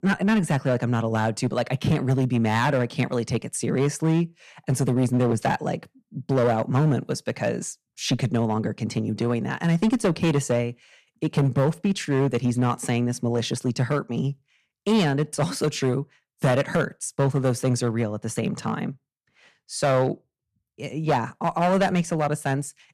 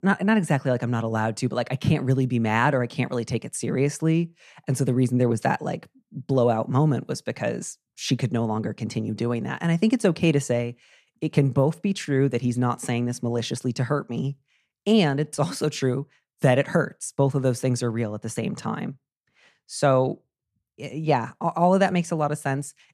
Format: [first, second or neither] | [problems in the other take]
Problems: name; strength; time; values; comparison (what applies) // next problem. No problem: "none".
second | distortion; slight; 6% of the sound clipped